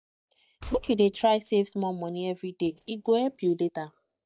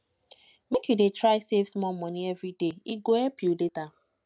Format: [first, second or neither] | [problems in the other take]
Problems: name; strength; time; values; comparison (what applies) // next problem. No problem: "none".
second | noise reduction (neural mask model DeepFilterNet 3)